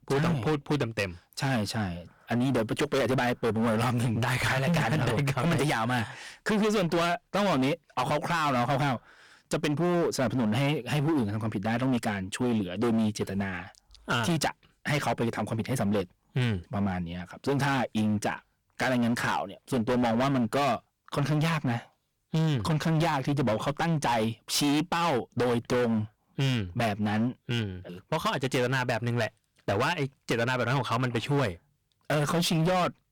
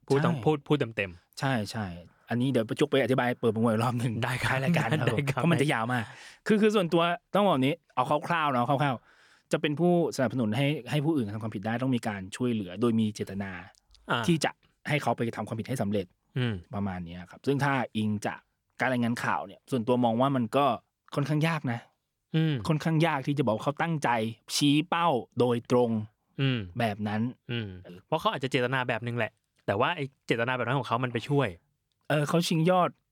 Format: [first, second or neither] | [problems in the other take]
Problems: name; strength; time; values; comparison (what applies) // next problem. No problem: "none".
second | distortion; heavy; 20% of the sound clipped